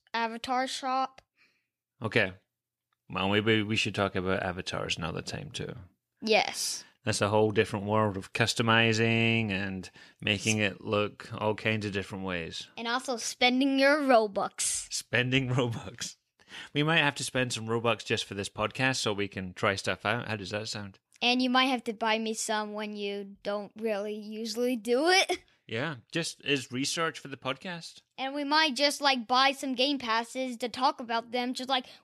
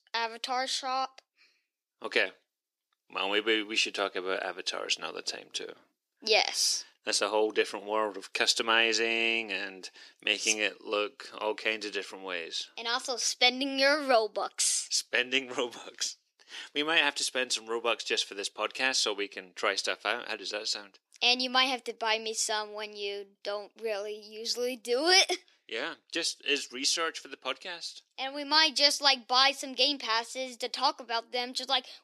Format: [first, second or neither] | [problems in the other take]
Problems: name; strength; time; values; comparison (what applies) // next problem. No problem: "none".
first | thin; somewhat; fading below 350 Hz